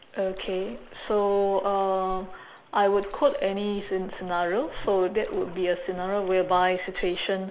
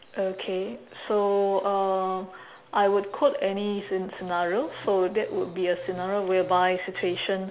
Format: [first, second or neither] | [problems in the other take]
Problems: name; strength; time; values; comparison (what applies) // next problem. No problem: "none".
second | noise reduction (neural mask model Resemble Enhance denoiser)